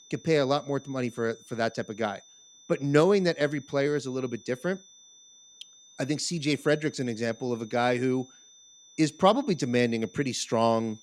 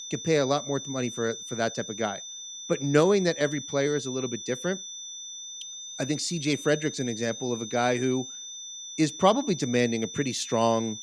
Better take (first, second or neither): first